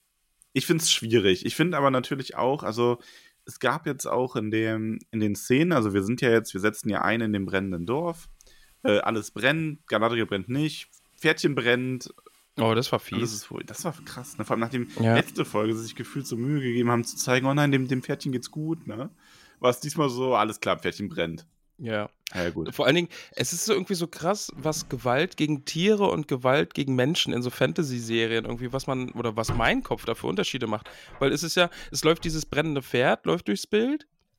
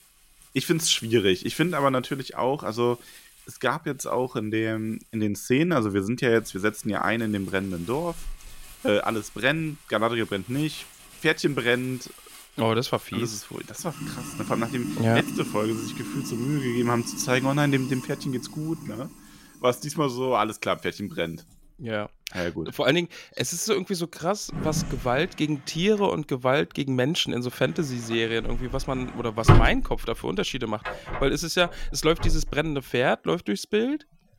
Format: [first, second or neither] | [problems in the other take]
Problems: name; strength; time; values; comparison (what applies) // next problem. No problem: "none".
first | household noises; loud; throughout; 7 dB below the speech; faint in the first